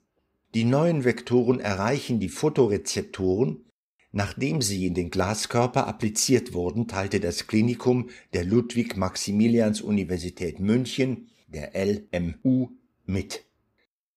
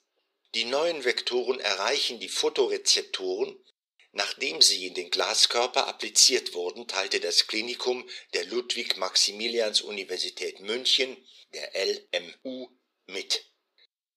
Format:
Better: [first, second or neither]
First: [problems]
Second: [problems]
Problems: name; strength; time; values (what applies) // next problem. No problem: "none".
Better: first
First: none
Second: thin; very; fading below 400 Hz